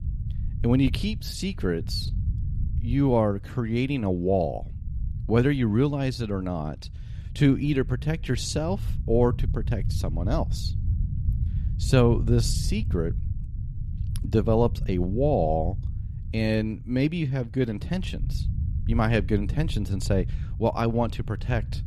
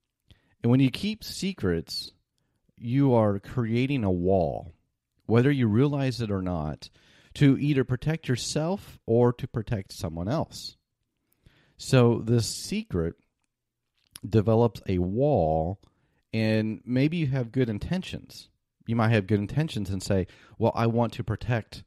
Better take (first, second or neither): second